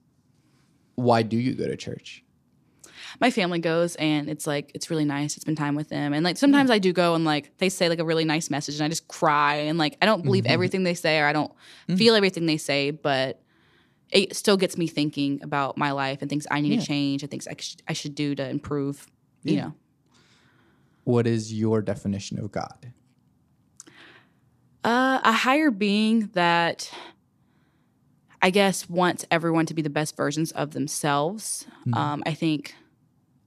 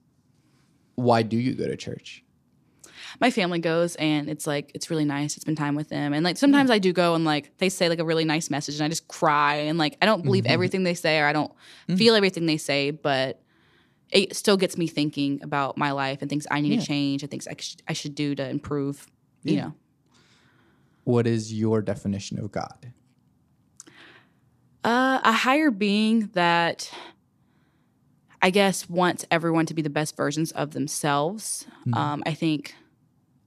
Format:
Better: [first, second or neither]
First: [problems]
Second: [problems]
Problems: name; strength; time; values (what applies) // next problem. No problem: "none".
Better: neither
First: none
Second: none